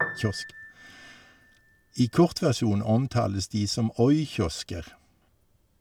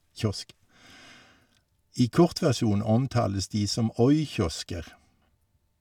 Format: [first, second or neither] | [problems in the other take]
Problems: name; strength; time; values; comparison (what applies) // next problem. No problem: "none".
second | background sound (Piano); 15 dB below the speech